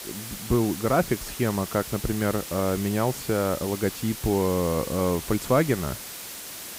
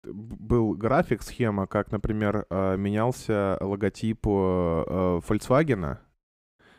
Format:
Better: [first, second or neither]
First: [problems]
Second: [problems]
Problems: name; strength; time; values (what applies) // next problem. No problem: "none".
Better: second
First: hiss; loud; throughout; 9 dB below the speech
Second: none